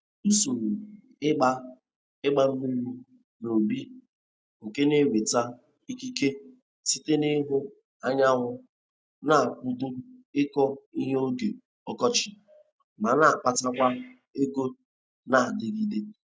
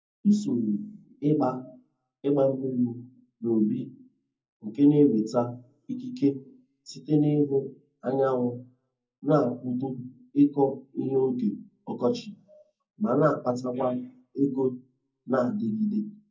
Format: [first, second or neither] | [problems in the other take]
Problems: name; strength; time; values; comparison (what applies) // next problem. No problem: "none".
first | room echo; dies away in 0.4 s